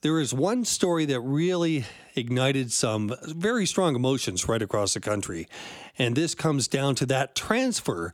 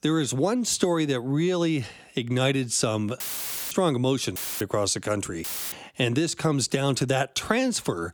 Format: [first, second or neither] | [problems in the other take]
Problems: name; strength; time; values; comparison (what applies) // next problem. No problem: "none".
first | audio cutting out; filled with static; at 3 s for 0.5 s, at 4.5 s and at 5.5 s